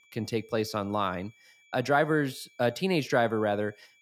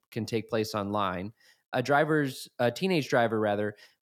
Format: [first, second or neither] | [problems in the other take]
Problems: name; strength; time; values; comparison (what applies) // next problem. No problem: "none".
second | high-pitched whine; faint; throughout; 2.5 kHz, 30 dB below the speech